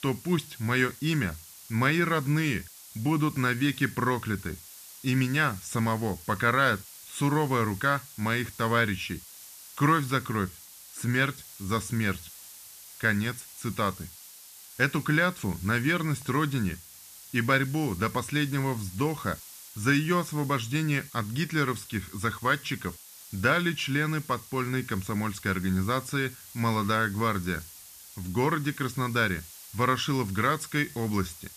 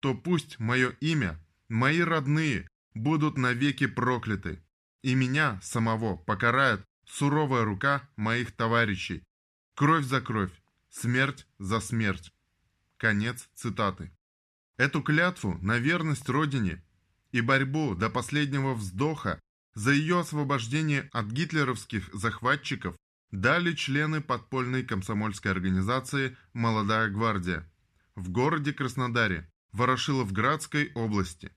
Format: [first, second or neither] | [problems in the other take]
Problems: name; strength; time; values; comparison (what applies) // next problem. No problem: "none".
second | hiss; noticeable; throughout; 15 dB below the speech